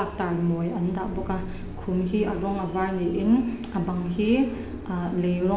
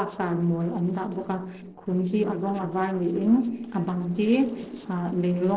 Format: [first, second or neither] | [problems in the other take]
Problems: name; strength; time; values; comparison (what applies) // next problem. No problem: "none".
first | noise reduction (neural separator model SepFormer DNS4)